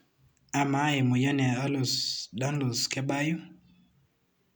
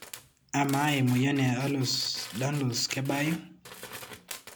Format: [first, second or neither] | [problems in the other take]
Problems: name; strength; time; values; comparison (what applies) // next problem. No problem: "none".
first | background sound (Tools); 15 dB below the speech